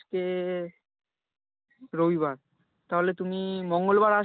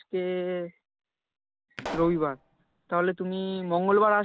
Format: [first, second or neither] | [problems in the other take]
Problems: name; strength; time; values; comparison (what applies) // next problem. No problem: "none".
first | background sound (Explosion); 14 dB below the speech